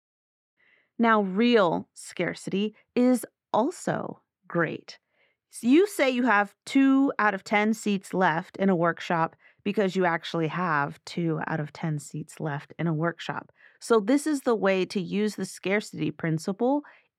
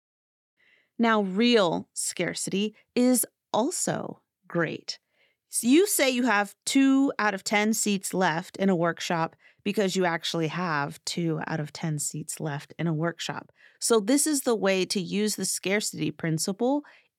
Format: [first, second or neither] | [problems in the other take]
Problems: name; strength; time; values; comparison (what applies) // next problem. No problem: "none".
second | muffled; slightly; fading above 3.5 kHz